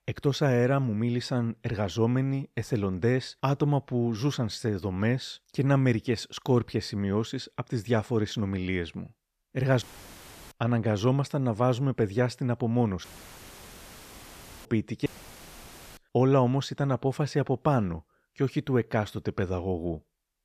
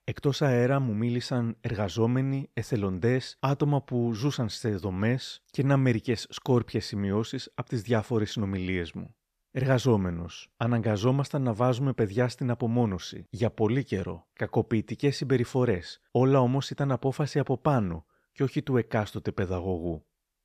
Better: second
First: audio cutting out; filled with static; at 10 s for 0.5 s, at 13 s for 1.5 s and at 15 s for 1 s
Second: none

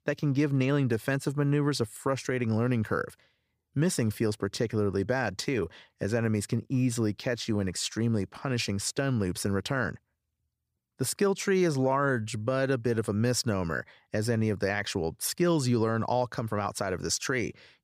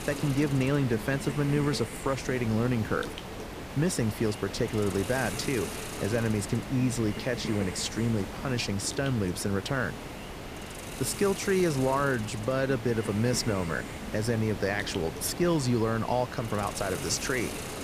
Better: first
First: none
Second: hiss; loud; throughout; 8 dB below the speech

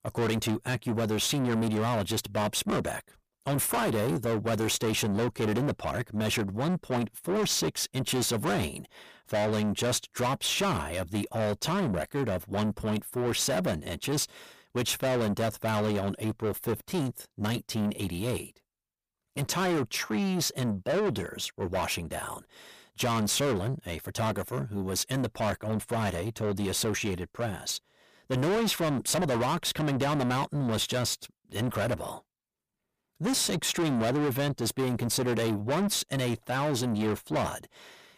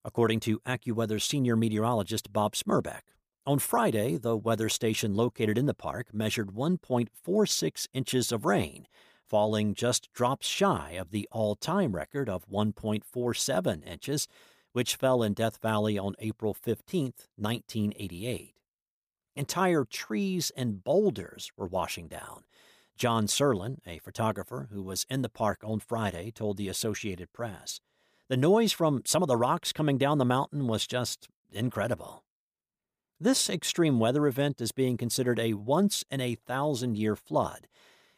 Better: second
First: distortion; heavy; 6 dB below the speech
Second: none

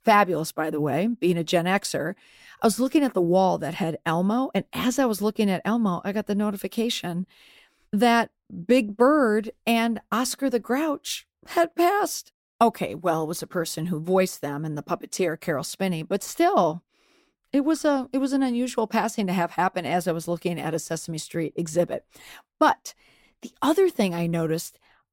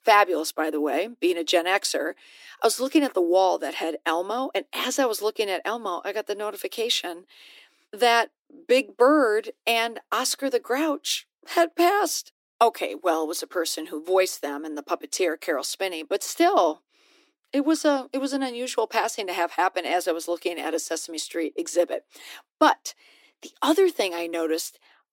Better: first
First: none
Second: thin; somewhat; fading below 300 Hz

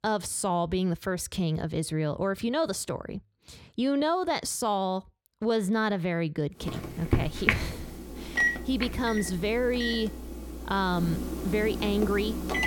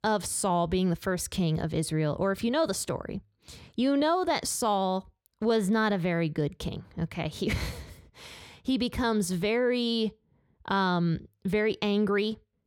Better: second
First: household noises; loud; from 6.5 s on; 3 dB below the speech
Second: none

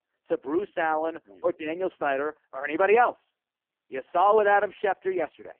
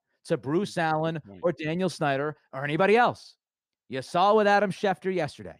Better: second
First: phone-call audio; poor line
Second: none

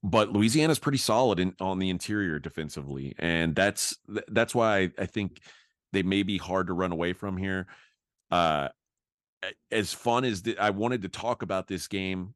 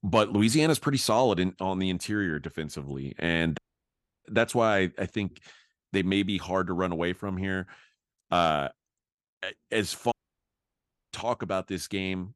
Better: first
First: none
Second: audio cutting out; at 3.5 s for 0.5 s and at 10 s for 1 s

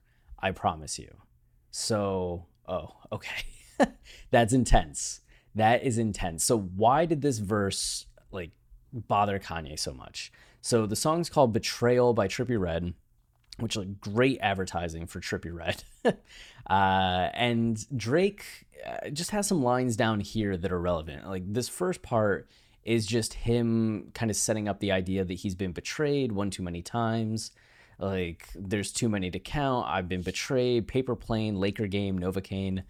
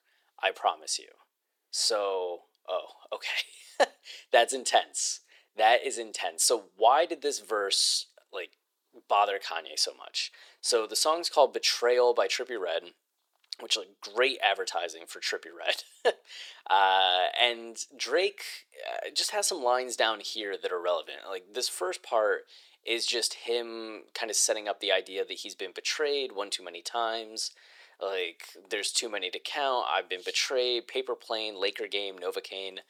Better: first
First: none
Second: thin; very; fading below 400 Hz

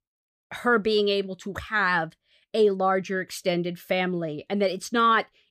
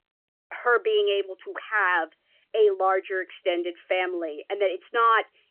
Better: first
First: none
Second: phone-call audio; nothing above 3 kHz

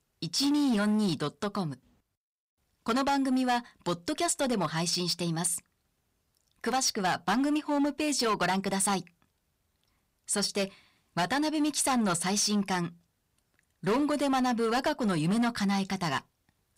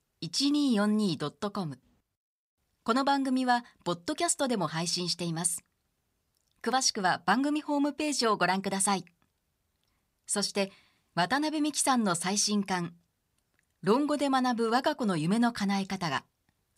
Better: second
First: distortion; slight; 10% of the sound clipped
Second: none

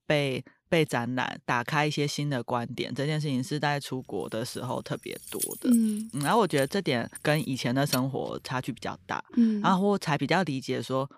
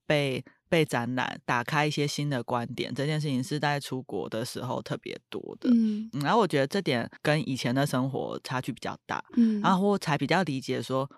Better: second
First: jangling keys; noticeable; from 4.5 to 8 s; peak 4 dB below the speech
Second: none

